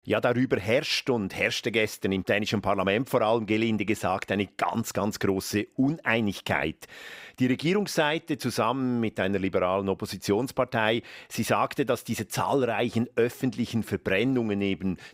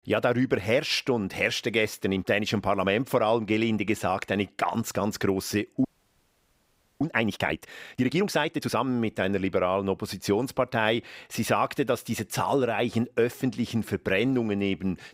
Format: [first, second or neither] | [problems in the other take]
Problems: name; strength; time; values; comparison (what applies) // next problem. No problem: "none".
first | audio freezing; at 6 s for 1 s